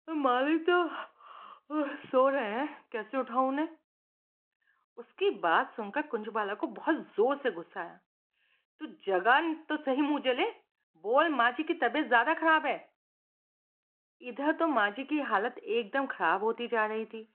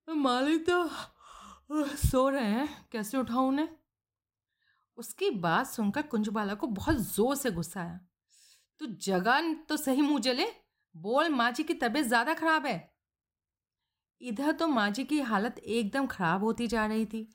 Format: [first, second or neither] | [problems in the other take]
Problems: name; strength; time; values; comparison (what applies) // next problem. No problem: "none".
second | phone-call audio